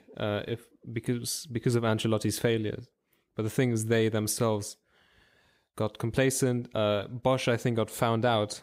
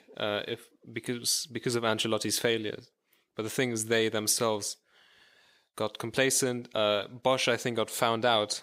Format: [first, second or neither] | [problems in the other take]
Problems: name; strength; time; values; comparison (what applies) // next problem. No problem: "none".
first | thin; very slightly; fading below 450 Hz